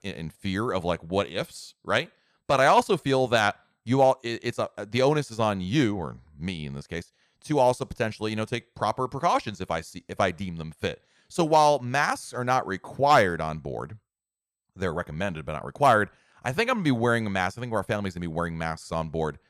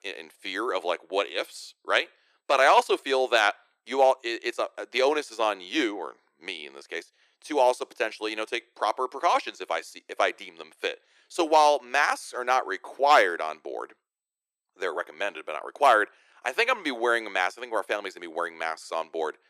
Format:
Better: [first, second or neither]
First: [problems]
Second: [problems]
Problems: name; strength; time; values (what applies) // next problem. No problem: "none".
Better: first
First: none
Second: thin; very; fading below 350 Hz